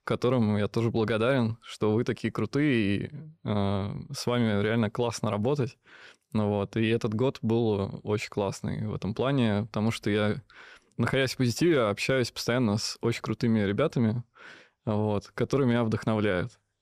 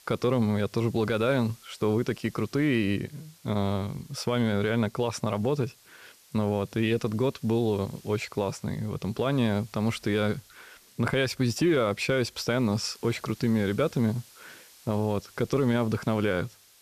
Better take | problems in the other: first | hiss; faint; throughout; 25 dB below the speech

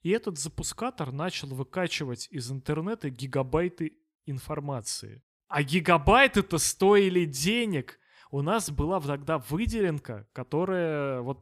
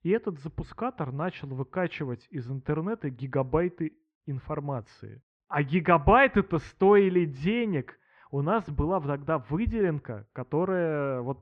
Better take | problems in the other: first | muffled; very; fading above 2 kHz

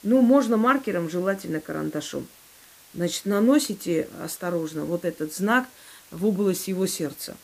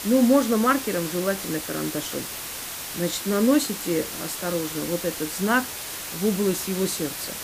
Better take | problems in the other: first | hiss; loud; throughout; 6 dB below the speech; faint in the first

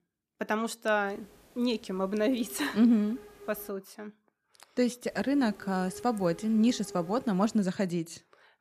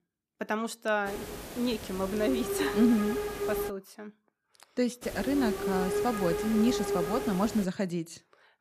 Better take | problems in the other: first | hiss; loud; from 1 to 3.5 s and from 5 to 7.5 s; 3 dB below the speech; faint in the first

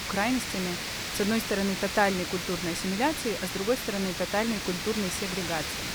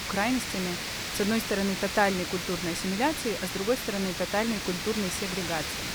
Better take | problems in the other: neither | hiss; loud; throughout; 2 dB below the speech; the same in both

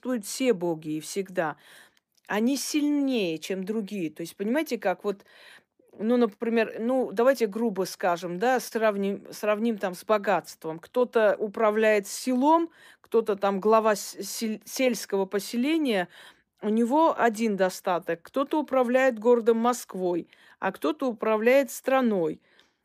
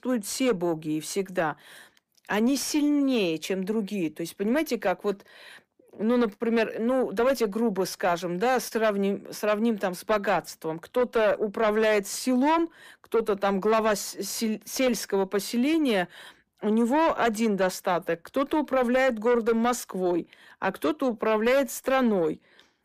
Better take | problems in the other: first | distortion; slight; 10 dB below the speech

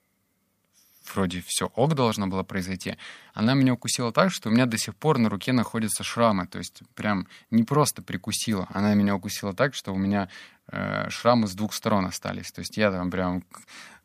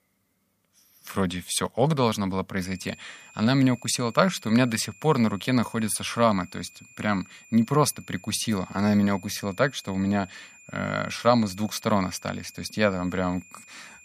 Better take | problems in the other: first | high-pitched whine; faint; from 2.5 s on; 2.5 kHz, 25 dB below the speech

